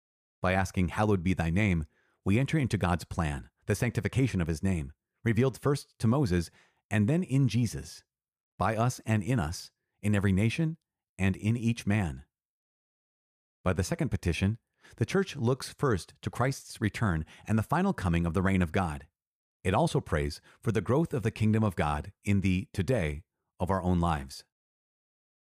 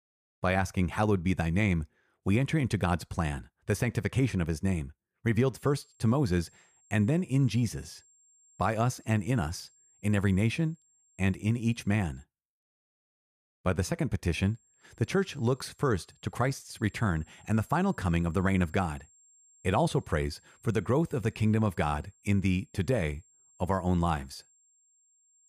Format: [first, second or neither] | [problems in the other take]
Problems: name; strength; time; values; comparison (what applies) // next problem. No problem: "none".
first | high-pitched whine; faint; from 5.5 to 12 s and from 14 s on; 7.5 kHz, 30 dB below the speech